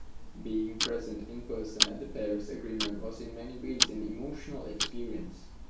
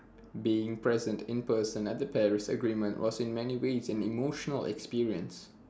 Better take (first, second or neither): second